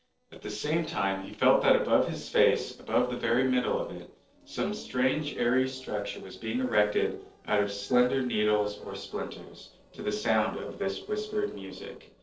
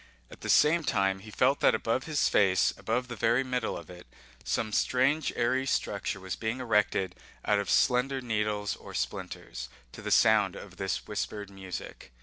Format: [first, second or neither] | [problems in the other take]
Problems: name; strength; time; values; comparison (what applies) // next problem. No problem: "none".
second | noise reduction (neural separator model SepFormer DNS4)